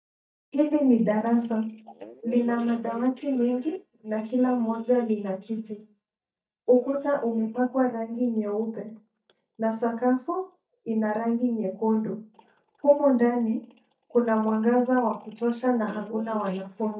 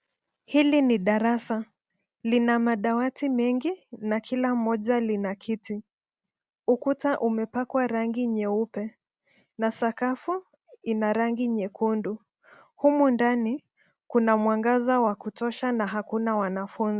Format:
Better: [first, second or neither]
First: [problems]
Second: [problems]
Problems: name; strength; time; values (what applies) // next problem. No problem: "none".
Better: second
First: noise reduction (neural mask model DeepFilterNet 3)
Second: none